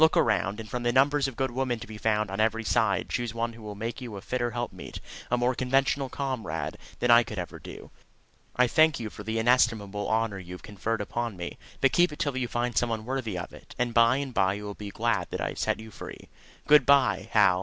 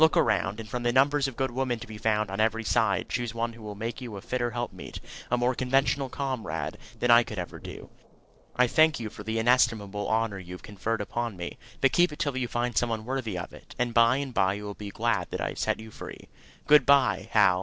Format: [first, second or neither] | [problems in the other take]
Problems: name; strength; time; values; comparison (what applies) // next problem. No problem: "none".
first | noise reduction (neural separator model SepFormer DNS4)